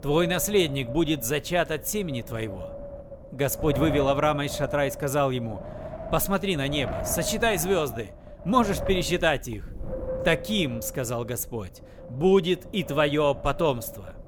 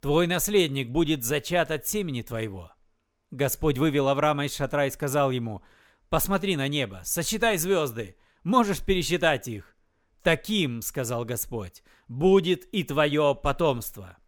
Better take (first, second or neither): second